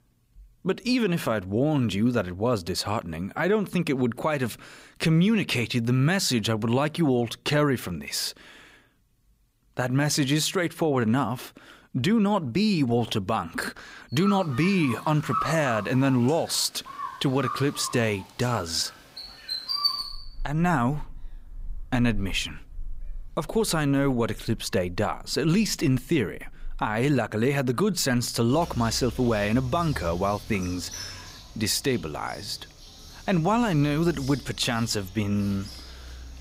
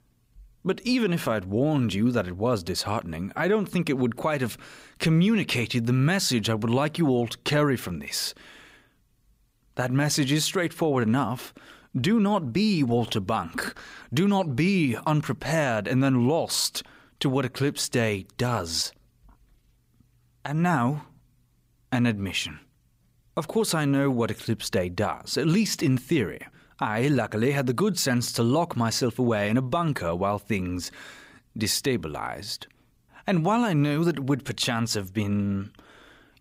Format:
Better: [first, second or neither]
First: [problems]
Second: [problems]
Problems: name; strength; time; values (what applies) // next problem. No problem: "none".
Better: second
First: animal sounds; noticeable; from 14 s on; 10 dB below the speech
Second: none